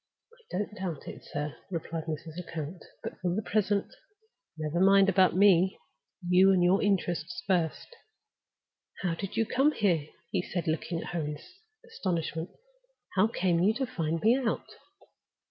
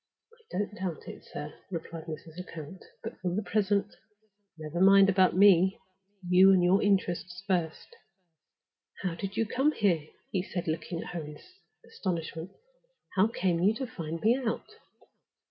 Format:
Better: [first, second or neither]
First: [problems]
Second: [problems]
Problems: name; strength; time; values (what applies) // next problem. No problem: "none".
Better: first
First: none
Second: room echo; dies away in 0.3 s